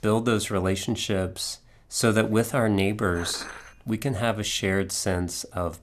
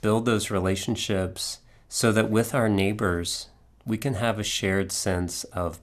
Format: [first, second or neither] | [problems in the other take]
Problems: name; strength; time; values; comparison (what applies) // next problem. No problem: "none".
second | clattering dishes; faint; from 3 to 4.5 s; peak 10 dB below the speech